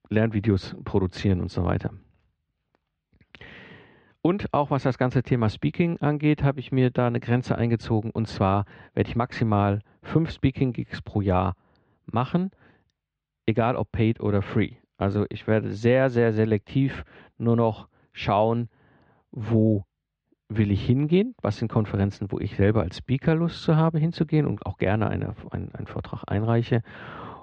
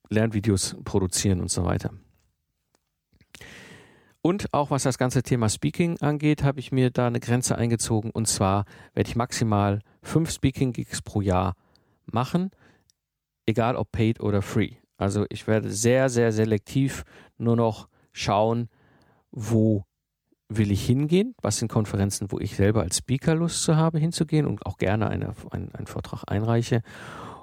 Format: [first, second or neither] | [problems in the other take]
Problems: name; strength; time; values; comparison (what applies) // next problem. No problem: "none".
second | muffled; very; fading above 3.5 kHz